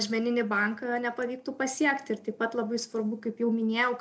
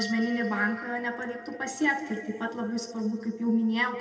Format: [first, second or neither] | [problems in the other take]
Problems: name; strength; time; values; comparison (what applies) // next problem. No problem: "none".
first | background sound (Musical instrument); 15 dB below the speech // room echo; dies away in 1.9 s